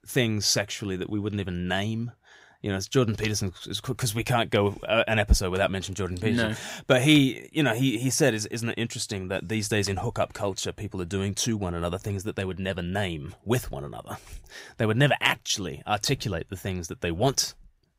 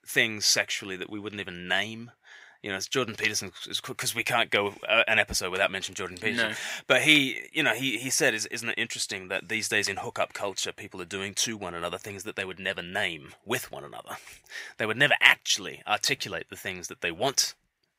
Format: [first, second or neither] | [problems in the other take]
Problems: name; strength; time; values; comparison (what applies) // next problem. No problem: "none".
first | thin; somewhat; fading below 650 Hz